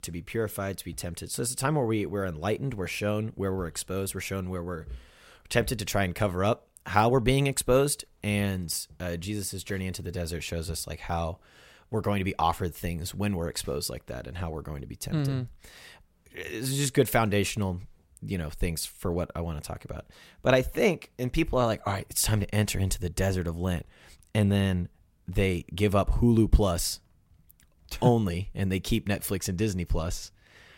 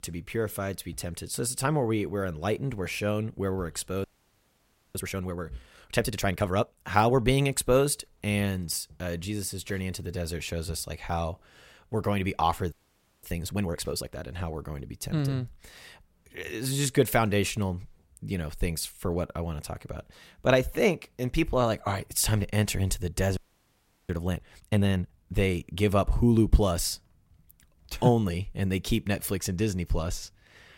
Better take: first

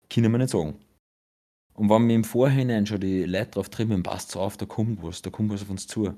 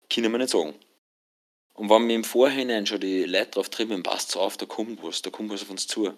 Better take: first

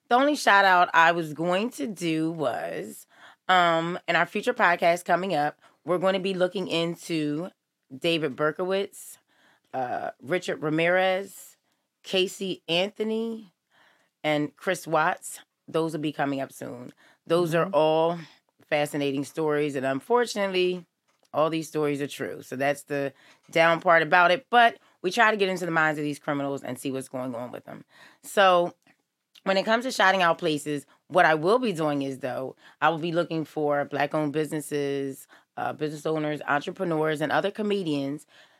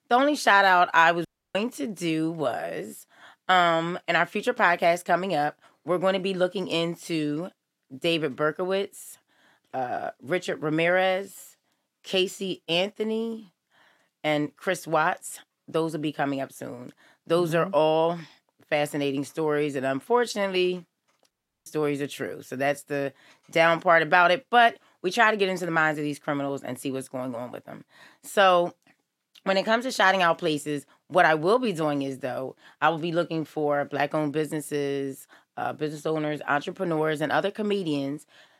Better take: first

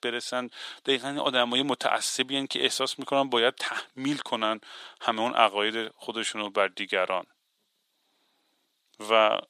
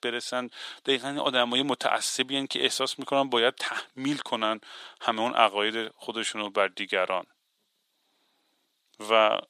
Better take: neither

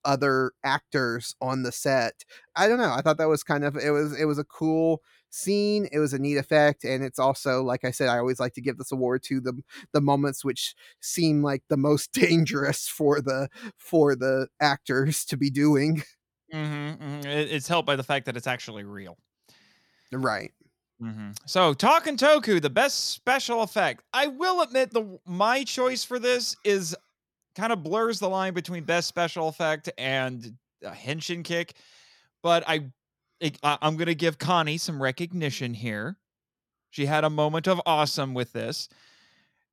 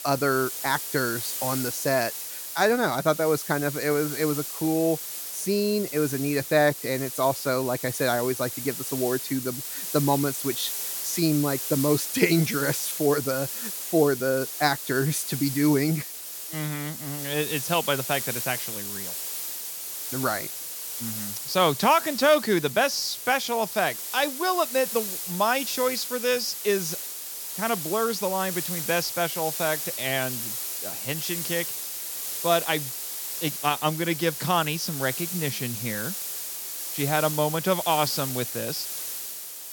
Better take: first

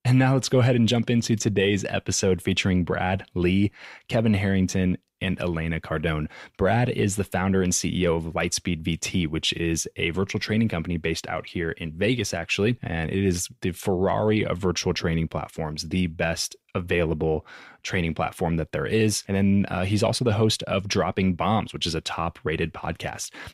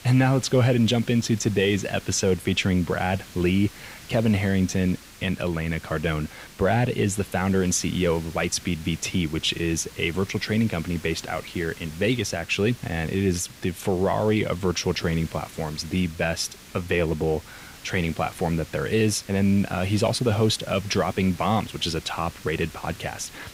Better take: first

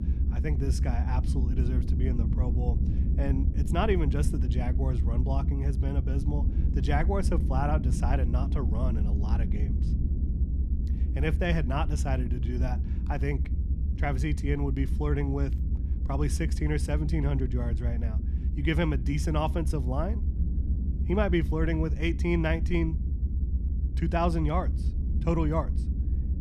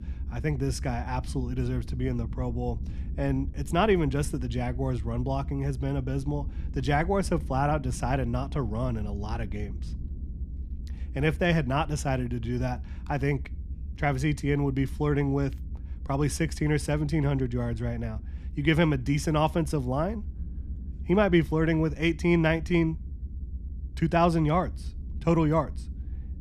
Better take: second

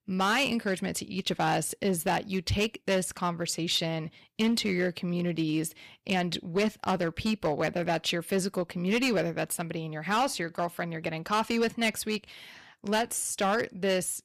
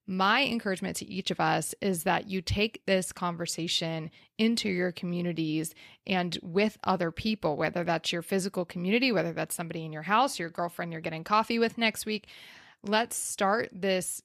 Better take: second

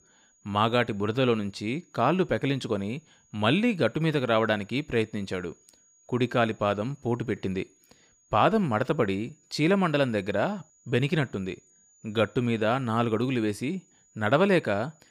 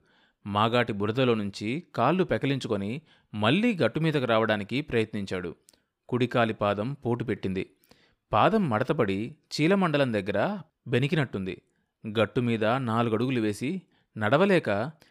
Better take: second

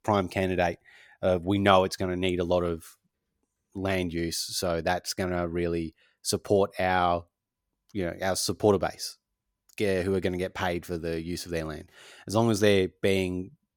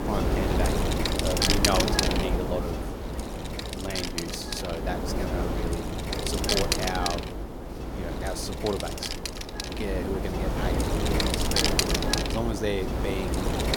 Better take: first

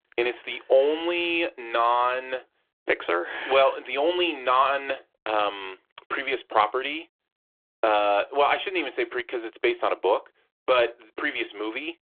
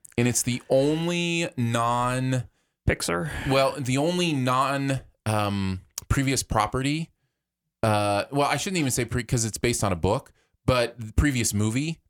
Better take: second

